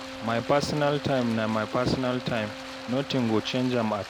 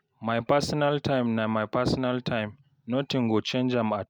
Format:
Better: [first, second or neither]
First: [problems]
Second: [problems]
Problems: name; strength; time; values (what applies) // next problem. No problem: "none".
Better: second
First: background sound (Wind instrument, woodwind instrument + Stream); 11 dB below the speech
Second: none